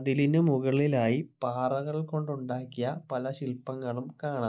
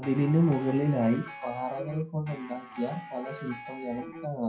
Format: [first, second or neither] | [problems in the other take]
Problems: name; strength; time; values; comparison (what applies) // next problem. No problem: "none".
first | noise reduction (classical method WPE with log-MMSE)